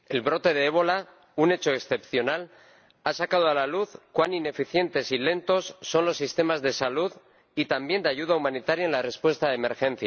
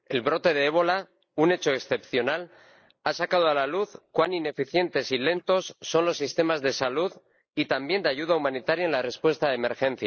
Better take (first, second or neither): first